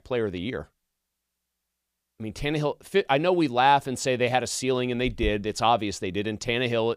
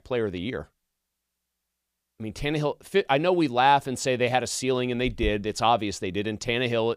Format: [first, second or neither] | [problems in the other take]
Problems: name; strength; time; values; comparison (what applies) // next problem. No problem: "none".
neither | none